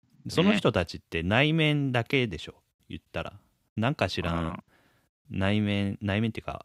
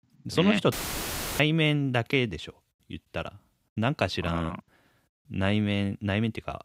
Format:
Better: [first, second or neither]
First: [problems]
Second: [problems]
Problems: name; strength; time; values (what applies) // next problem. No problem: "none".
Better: first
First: none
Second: audio cutting out; filled with static; at 0.5 s for 0.5 s